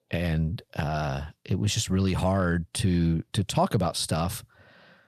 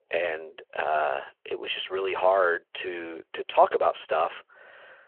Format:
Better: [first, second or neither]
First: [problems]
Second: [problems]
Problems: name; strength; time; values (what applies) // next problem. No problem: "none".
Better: first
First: none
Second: phone-call audio; nothing above 3 kHz